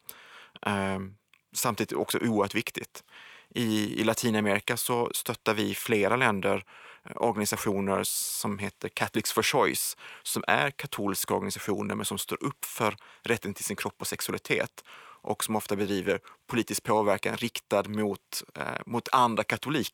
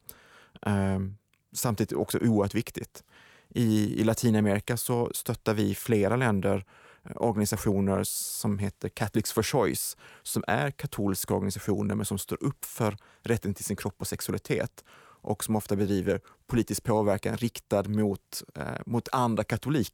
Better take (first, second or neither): second